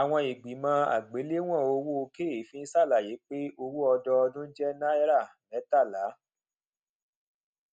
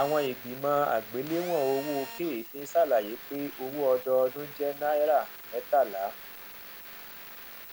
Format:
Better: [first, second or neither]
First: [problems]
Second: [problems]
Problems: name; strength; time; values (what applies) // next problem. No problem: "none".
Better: first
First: none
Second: background sound (Telephone); 14 dB below the speech